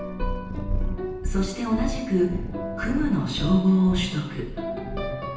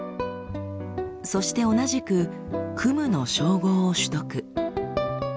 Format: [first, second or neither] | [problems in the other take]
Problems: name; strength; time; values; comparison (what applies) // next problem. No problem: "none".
second | background sound (Purr); 5 dB below the speech // room echo; dies away in 0.9 s